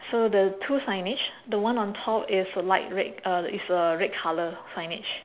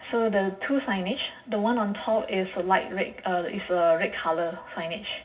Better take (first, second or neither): first